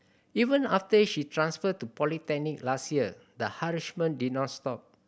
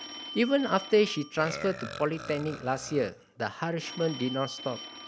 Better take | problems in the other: first | background sound (Burping, eructation + Telephone); 13 dB below the speech

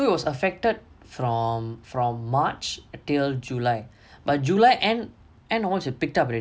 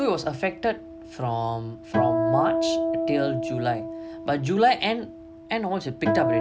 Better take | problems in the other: first | background sound (Acoustic guitar); 2 dB below the speech

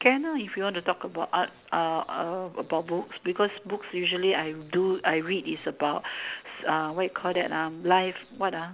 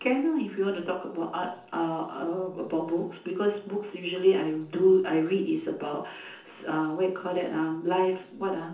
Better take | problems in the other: first | room echo; dies away in 0.6 s

